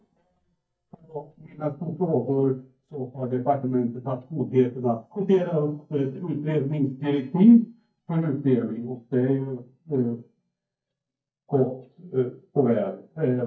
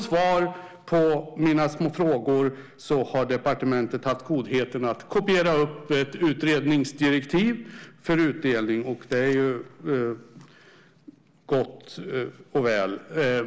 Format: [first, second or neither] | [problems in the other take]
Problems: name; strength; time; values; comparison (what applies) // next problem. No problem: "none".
second | noise reduction (neural mask model DeepFilterNet 3)